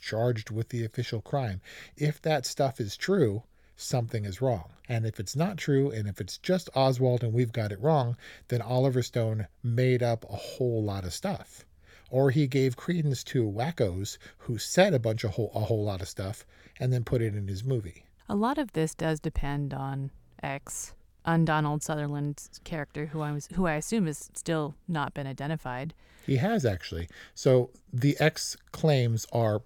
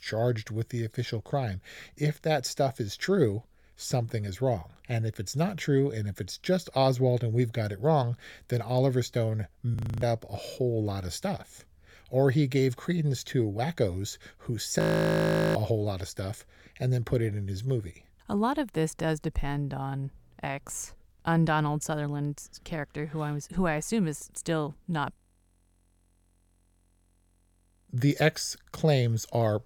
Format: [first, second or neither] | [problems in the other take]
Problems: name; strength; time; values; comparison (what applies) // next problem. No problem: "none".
first | audio freezing; at 10 s, at 15 s for 1 s and at 25 s for 2.5 s